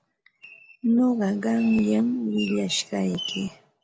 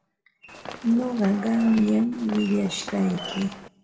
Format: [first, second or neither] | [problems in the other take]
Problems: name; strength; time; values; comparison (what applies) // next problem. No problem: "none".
first | background sound (Run); 14 dB below the speech // room echo; dies away in 0.4 s